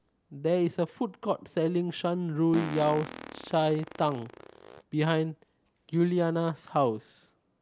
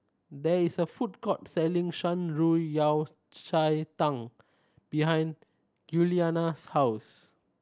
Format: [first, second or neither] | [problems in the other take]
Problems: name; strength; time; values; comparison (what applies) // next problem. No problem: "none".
second | background sound (Fart); 17 dB below the speech